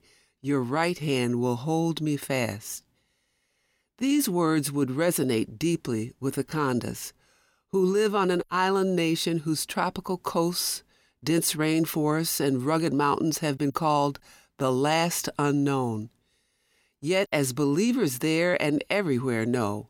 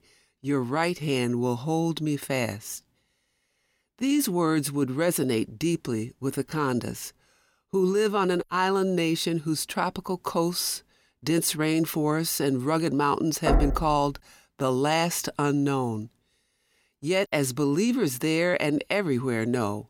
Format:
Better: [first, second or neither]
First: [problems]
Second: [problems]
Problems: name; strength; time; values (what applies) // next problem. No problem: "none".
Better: first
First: none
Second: door banging; loud; at 13 s; peak 1 dB above the speech